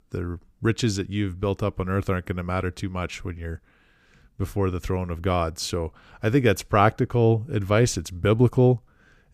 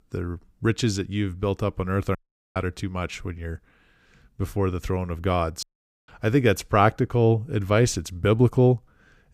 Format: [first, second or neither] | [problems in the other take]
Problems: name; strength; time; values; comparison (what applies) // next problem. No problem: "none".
first | audio cutting out; at 2 s and at 5.5 s